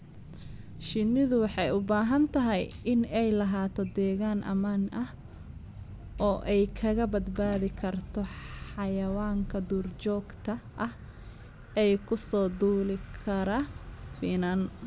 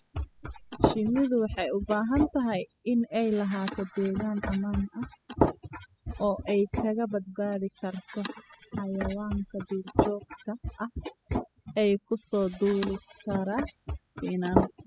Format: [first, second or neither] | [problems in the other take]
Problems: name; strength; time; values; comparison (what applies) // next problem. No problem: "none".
first | noise reduction (classical method spectral subtraction)